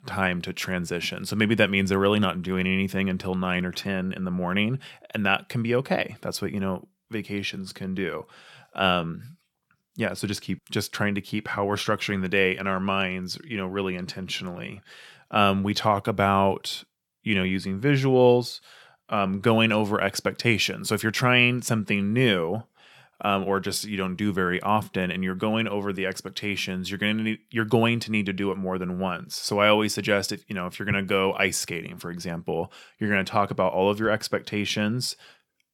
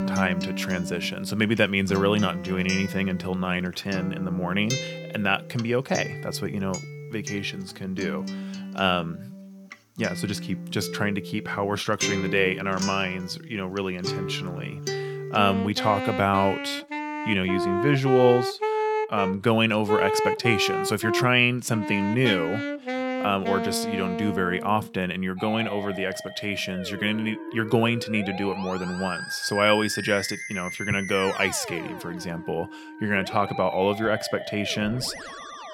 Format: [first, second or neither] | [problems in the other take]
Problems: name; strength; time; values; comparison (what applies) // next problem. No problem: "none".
first | background music; loud; throughout; 6 dB below the speech